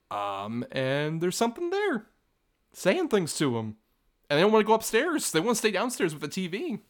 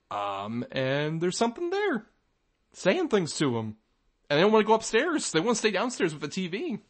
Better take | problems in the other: first | garbled, watery; slightly; nothing above 8 kHz

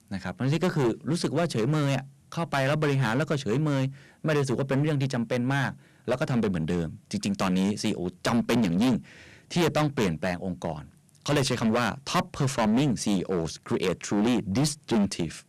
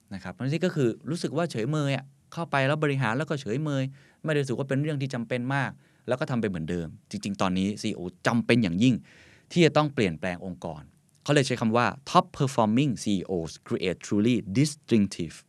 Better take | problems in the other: second | distortion; heavy; 13% of the sound clipped

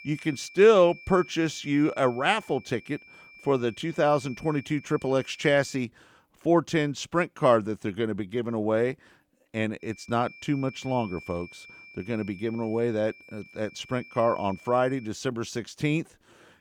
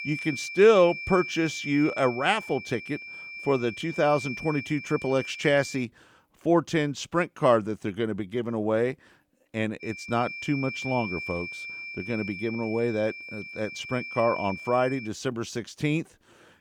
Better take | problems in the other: first | high-pitched whine; loud; until 6 s and from 10 to 15 s; 2.5 kHz, 9 dB below the speech; faint in the first

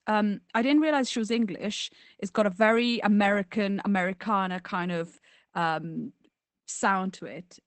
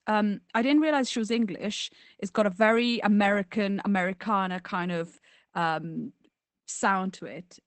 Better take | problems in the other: neither | garbled, watery; badly; nothing above 8 kHz; the same in both

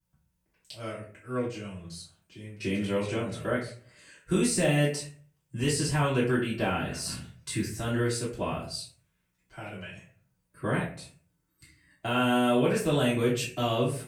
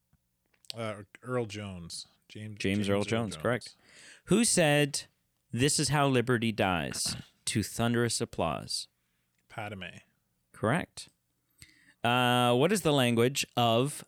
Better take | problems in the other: second | room echo; slight; dies away in 0.4 s // off-mic speech; far

